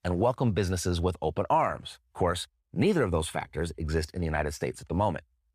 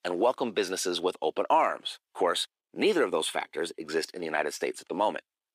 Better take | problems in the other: first | thin; somewhat; fading below 300 Hz

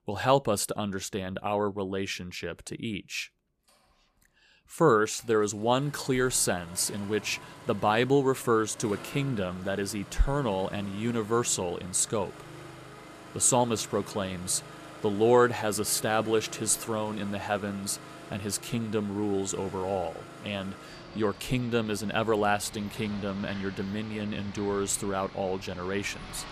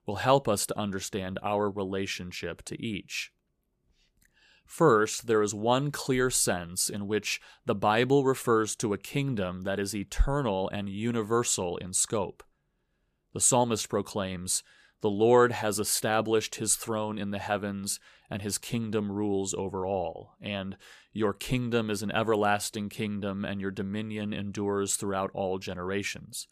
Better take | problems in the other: second | traffic noise; noticeable; throughout; 15 dB below the speech

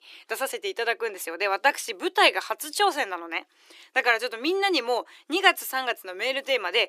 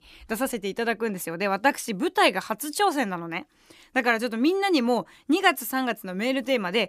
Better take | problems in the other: second | thin; very; fading below 350 Hz

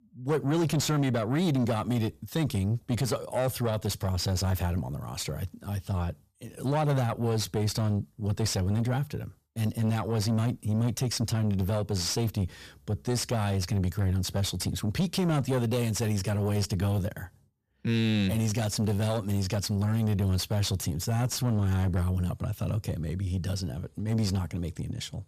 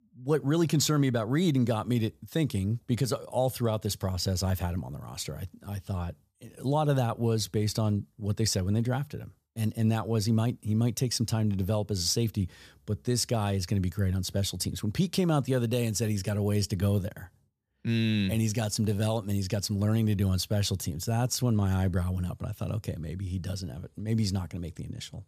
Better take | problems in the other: second | distortion; slight; 10 dB below the speech

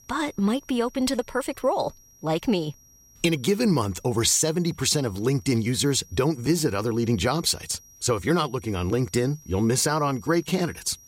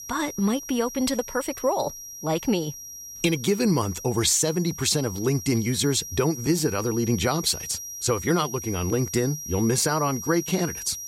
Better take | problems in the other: first | high-pitched whine; loud; throughout; 5.5 kHz, 10 dB below the speech; faint in the first

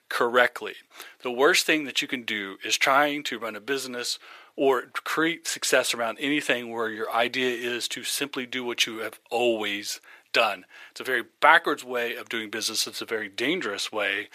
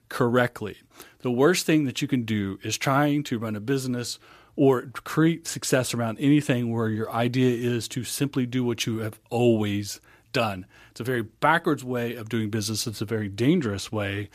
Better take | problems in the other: second | thin; very; fading below 550 Hz

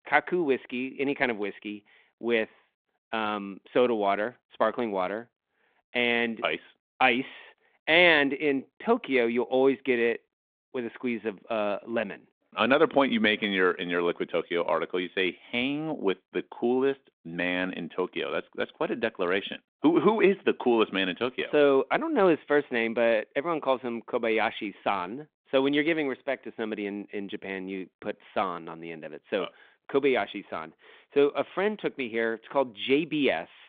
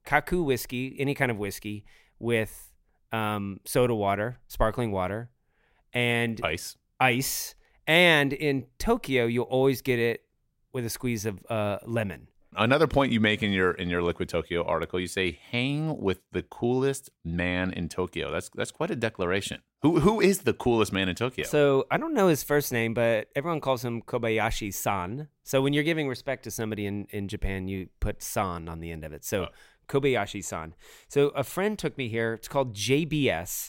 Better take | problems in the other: second | phone-call audio; nothing above 3.5 kHz

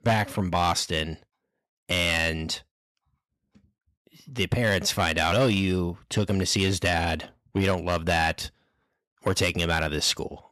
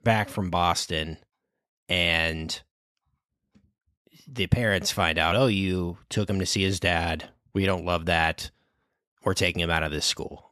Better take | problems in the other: second | distortion; slight; 3% of the sound clipped

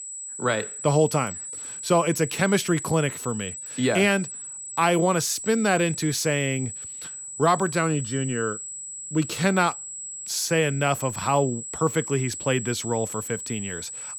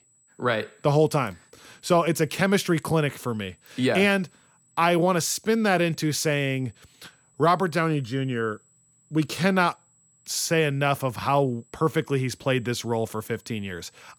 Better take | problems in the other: second | high-pitched whine; loud; throughout; 8 kHz, 9 dB below the speech; faint in the second

